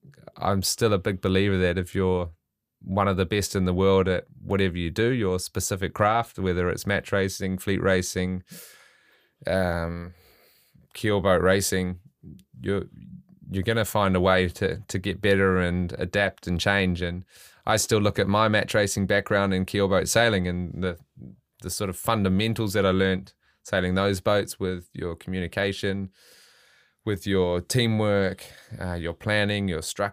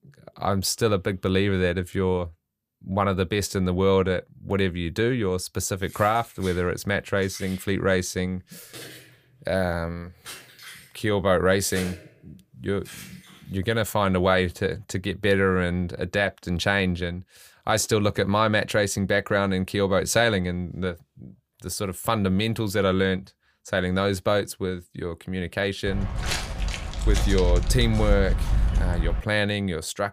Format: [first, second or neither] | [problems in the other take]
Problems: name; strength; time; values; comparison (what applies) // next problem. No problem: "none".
first | jangling keys; faint; from 6 to 13 s; peak 10 dB below the speech // footsteps; loud; from 26 to 29 s; peak level with the speech